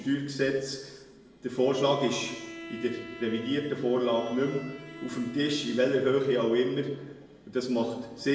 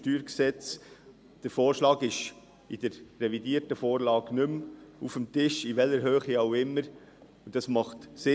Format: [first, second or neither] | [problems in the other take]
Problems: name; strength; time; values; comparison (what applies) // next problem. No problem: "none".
second | background sound (Bowed string instrument); 18 dB below the speech // room echo; dies away in 0.9 s